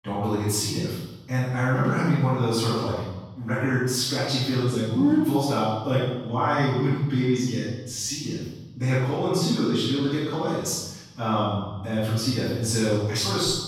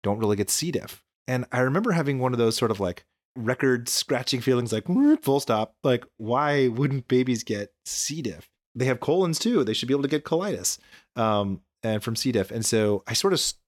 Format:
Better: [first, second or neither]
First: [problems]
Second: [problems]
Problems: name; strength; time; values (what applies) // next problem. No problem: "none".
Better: second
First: room echo; strong; dies away in 1.1 s // off-mic speech; far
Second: none